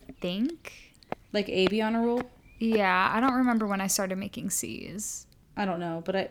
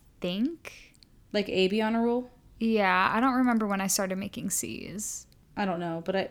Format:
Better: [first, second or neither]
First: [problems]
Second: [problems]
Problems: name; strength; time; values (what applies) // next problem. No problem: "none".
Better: second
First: footsteps; noticeable; until 3.5 s; peak 9 dB below the speech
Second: none